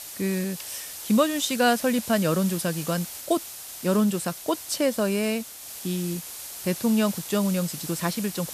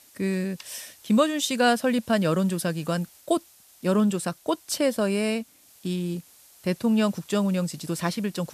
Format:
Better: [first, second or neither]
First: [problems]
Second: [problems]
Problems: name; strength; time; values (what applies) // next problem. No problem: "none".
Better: second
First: hiss; loud; throughout; 9 dB below the speech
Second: hiss; faint; throughout; 25 dB below the speech